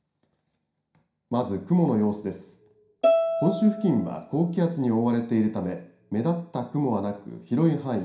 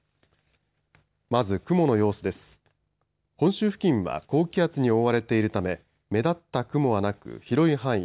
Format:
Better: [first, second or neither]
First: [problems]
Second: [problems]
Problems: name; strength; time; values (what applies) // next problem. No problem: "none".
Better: second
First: background sound (Bowed string instrument); 1 dB below the speech // room echo; dies away in 0.5 s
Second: none